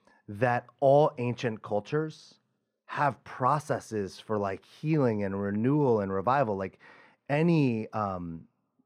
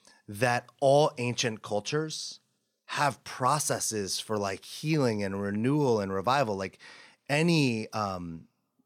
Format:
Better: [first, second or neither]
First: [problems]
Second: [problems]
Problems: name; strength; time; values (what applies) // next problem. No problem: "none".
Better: second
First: muffled; very; fading above 3 kHz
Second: none